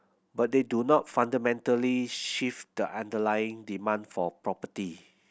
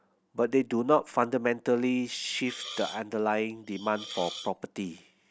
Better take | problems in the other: first | background sound (Hiss); 13 dB below the speech

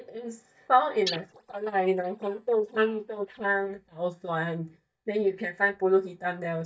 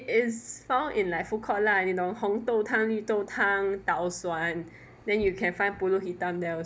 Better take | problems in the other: second | noise reduction (neural mask model DeepFilterNet 3)

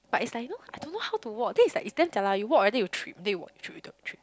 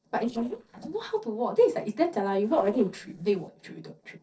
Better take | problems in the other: first | noise reduction (neural separator model SepFormer DNS4)

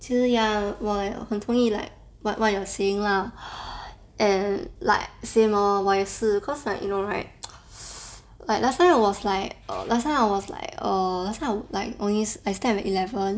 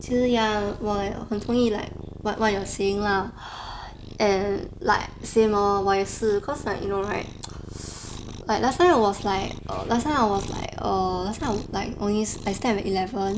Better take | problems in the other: first | background sound (Cat); 12 dB below the speech

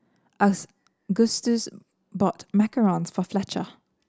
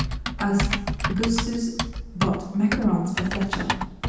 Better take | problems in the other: first | background sound (Typing); 2 dB below the speech // room echo; dies away in 0.9 s

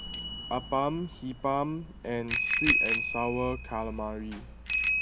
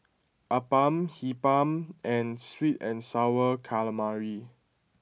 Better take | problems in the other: second | background sound (Bicycle bell); 1 dB above the speech

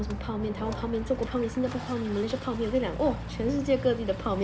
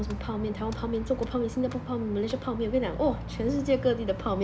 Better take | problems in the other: second | background sound (Toilet flush); 18 dB below the speech

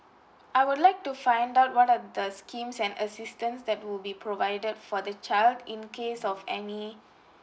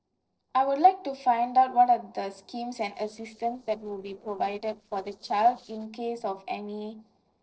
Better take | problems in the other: first | noise reduction (neural separator model SepFormer DNS4)

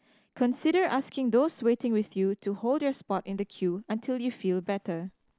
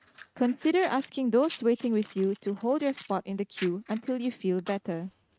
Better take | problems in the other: first | noise reduction (neural mask model RNNoise)

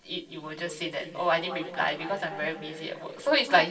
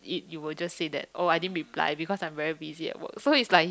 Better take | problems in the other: second | room echo; dies away in 2.6 s

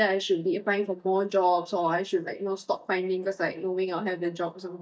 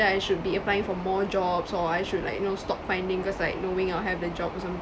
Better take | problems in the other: second | noise reduction (neural mask model DeepFilterNet 3)

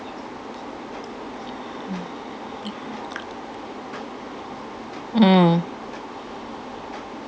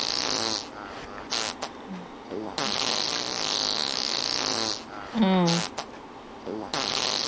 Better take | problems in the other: first | background sound (Fart); 3 dB above the speech

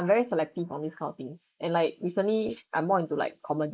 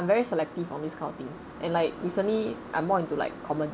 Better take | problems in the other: second | noise reduction (neural mask model Resemble Enhance denoiser)

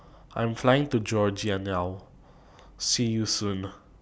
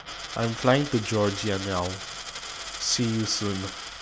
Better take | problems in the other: first | background sound (Coin (dropping)); 10 dB below the speech

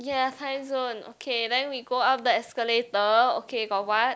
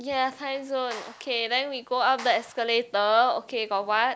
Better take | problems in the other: first | background sound (Clapping); 19 dB below the speech

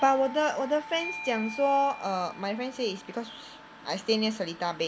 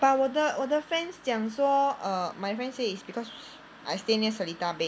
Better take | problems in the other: second | background sound (Doorbell); 15 dB below the speech

